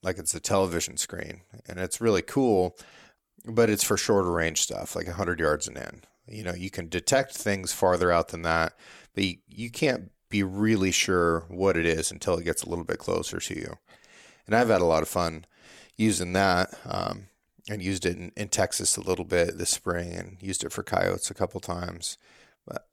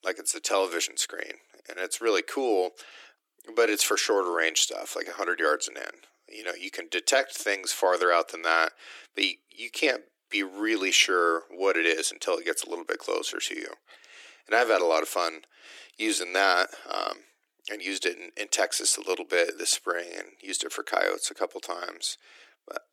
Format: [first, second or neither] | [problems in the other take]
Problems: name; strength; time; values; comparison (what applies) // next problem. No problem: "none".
first | thin; very; fading below 300 Hz